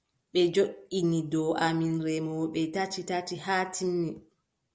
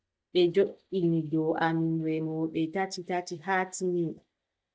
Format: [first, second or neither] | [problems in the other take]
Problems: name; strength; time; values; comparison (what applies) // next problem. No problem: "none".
first | noise reduction (neural mask model DeepFilterNet 3)